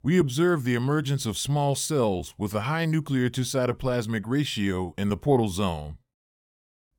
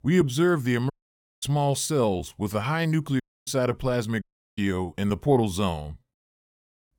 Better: first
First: none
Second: audio cutting out; at 1 s for 0.5 s, at 3 s and at 4 s

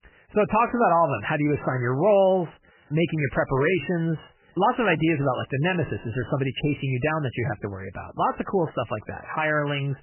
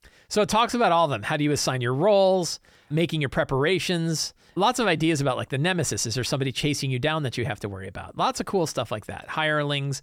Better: second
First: garbled, watery; badly; nothing above 3 kHz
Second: none

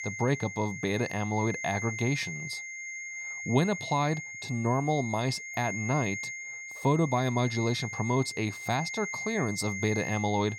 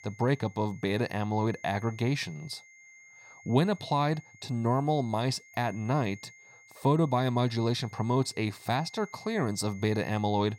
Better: second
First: high-pitched whine; loud; throughout; 2 kHz, 6 dB below the speech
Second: high-pitched whine; faint; throughout; 2 kHz, 20 dB below the speech

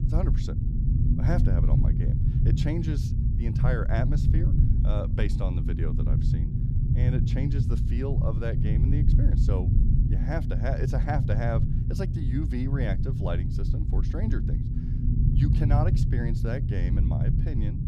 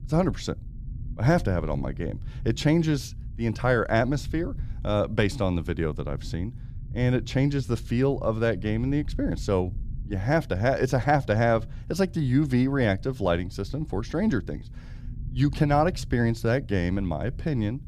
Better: second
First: low rumble; loud; throughout; 2 dB below the speech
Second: low rumble; faint; throughout; 25 dB below the speech

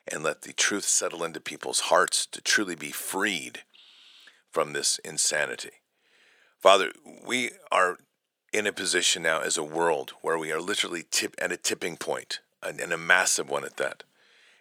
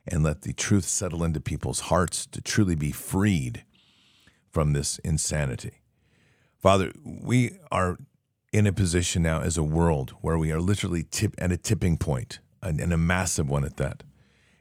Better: second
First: thin; very; fading below 400 Hz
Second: none

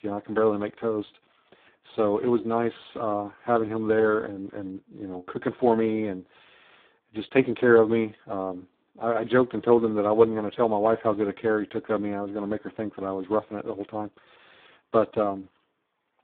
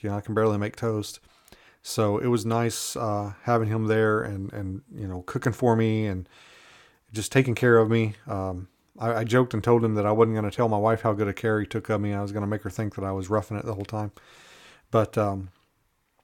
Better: second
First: phone-call audio; poor line; nothing above 3.5 kHz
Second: none

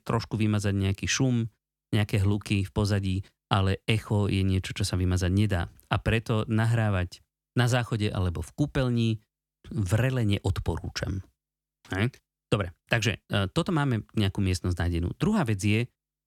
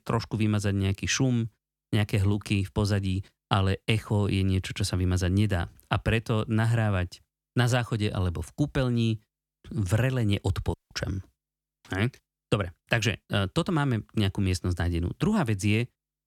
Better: first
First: none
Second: audio cutting out; at 11 s

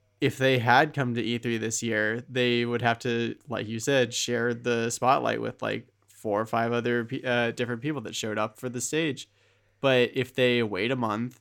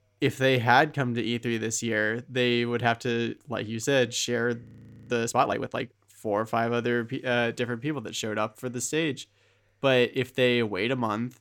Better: first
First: none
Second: audio freezing; at 4.5 s

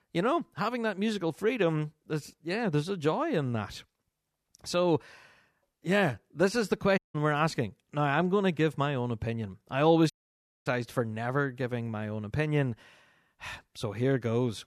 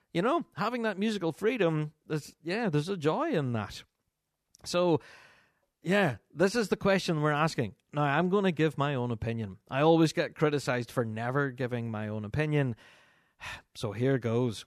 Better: second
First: audio cutting out; at 7 s and at 10 s for 0.5 s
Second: none

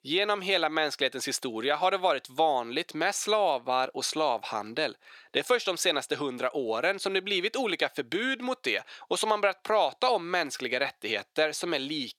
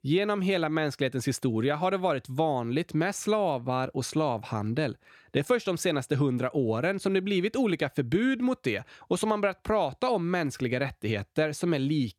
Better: second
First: thin; somewhat; fading below 500 Hz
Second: none

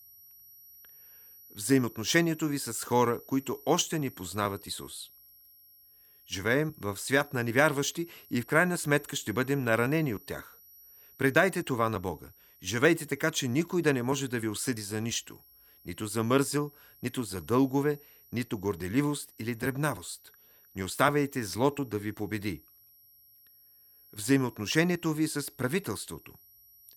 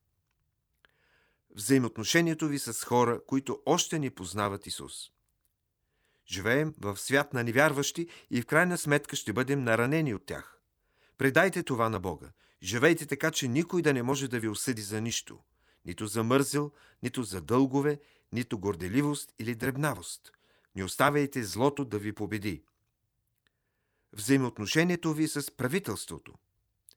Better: second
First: high-pitched whine; faint; throughout; 12 kHz, 25 dB below the speech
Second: none

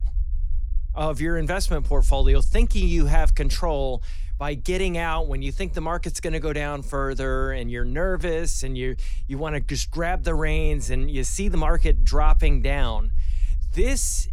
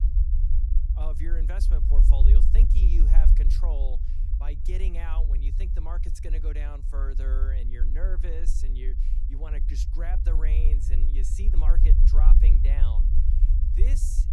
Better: first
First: low rumble; faint; throughout; 25 dB below the speech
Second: low rumble; loud; throughout; 3 dB below the speech

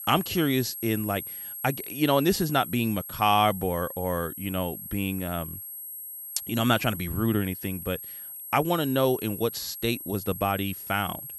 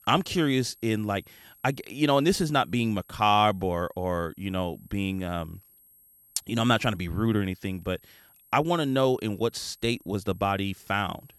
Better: second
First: high-pitched whine; loud; throughout; 11.5 kHz, 9 dB below the speech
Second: high-pitched whine; faint; throughout; 11.5 kHz, 30 dB below the speech

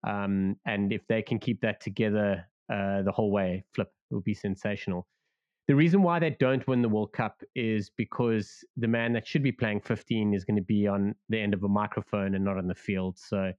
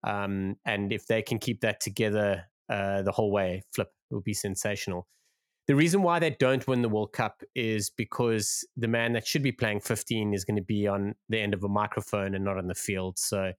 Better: second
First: muffled; very; fading above 3 kHz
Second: none

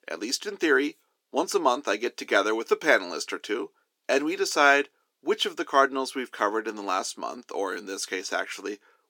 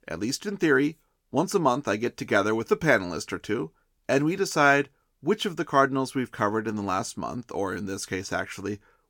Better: second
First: thin; somewhat; fading below 300 Hz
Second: none

